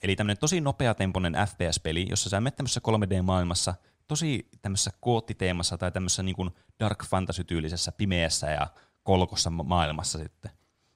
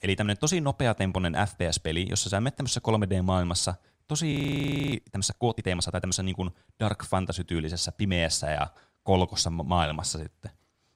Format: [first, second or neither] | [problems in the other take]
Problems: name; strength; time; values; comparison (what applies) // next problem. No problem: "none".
first | audio freezing; at 4.5 s for 0.5 s